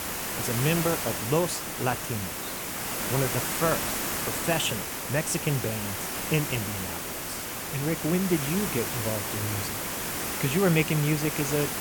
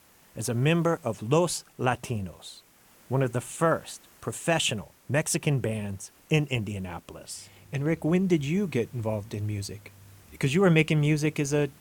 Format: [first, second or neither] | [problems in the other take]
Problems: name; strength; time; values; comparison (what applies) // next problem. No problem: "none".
second | hiss; loud; throughout; 1 dB below the speech; faint in the second